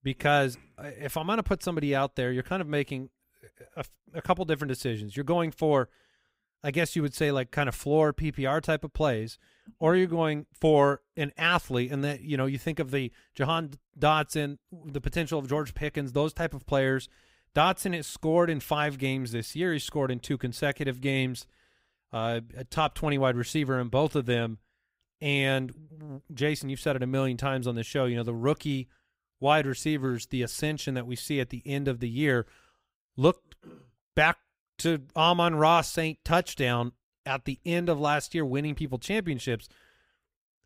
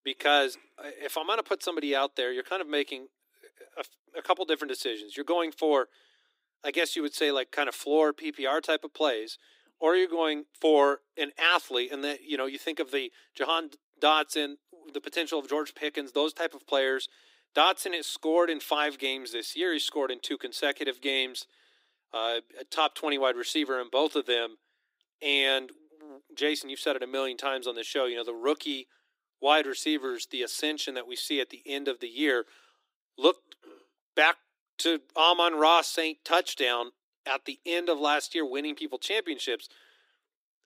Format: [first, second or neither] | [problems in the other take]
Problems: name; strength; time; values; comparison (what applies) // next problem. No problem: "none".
first | thin; somewhat; fading below 300 Hz